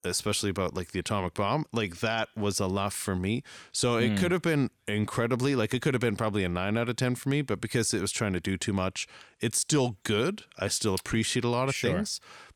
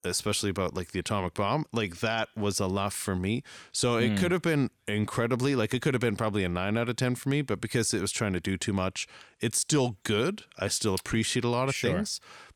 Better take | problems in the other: neither | none

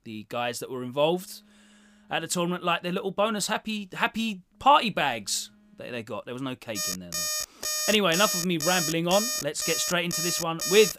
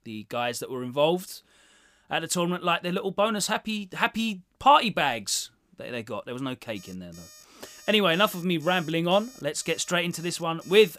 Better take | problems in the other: second | alarms or sirens; loud; throughout; 1 dB below the speech; faint in the second

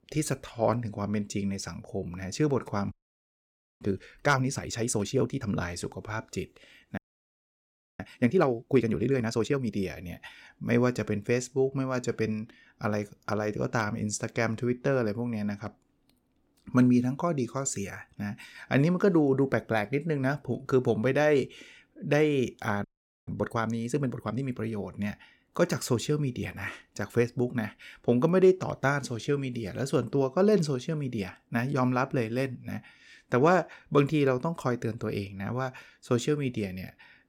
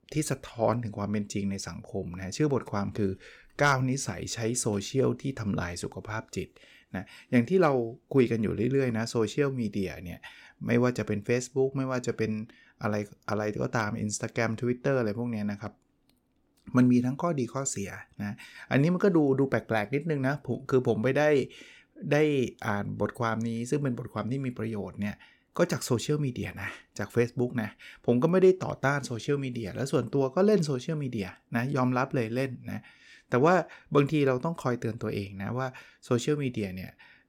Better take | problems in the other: second | audio freezing; at 3 s for 1 s, at 7 s for 1 s and at 23 s

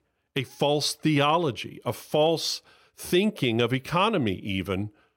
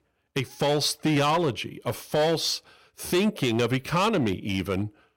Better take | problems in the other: first | distortion; slight; 9% of the sound clipped

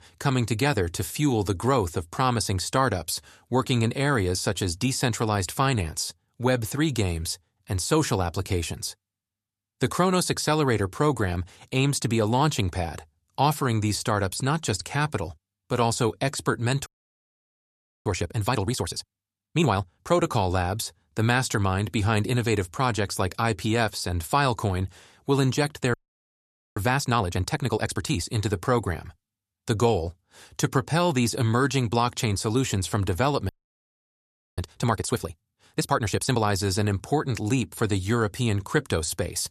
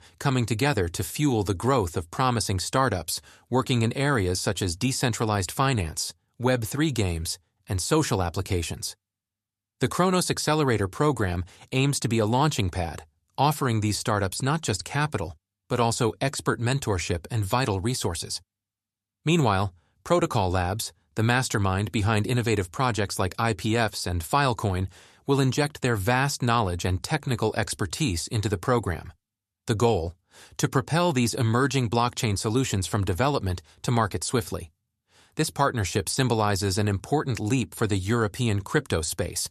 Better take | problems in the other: second | audio freezing; at 17 s for 1 s, at 26 s for 1 s and at 33 s for 1 s

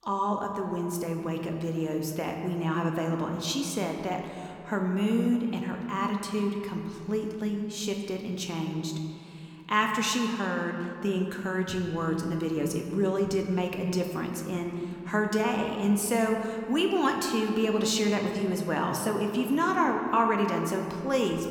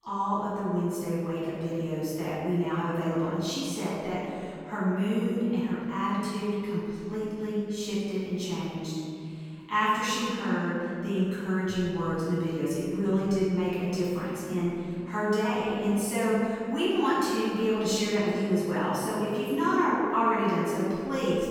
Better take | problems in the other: first | room echo; strong; dies away in 2.4 s; slight in the first // off-mic speech; far

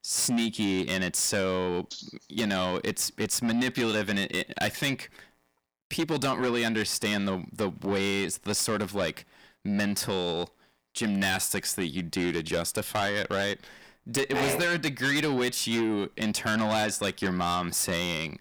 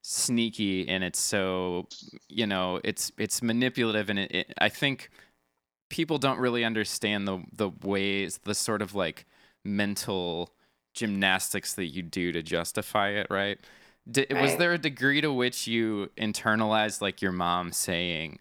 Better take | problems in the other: second | distortion; heavy; 7 dB below the speech

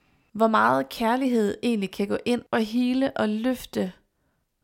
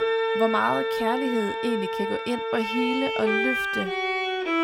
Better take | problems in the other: first | background music; very loud; throughout; 2 dB above the speech

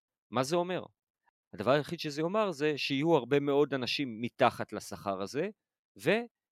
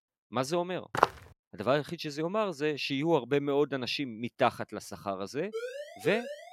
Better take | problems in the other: first | footsteps; loud; at 1 s; peak 3 dB above the speech // siren; noticeable; from 5.5 s on; peak 7 dB below the speech

